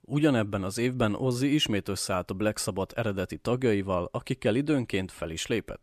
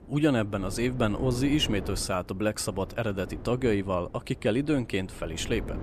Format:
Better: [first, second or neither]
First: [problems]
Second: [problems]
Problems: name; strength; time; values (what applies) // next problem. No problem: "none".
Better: first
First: none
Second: wind noise on the microphone; occasional gusts; 15 dB below the speech